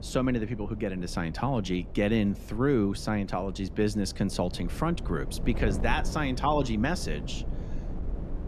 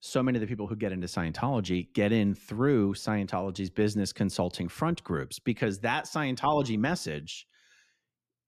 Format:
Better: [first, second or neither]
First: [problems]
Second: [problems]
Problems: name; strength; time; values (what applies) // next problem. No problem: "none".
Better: second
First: wind noise on the microphone; occasional gusts; 15 dB below the speech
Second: none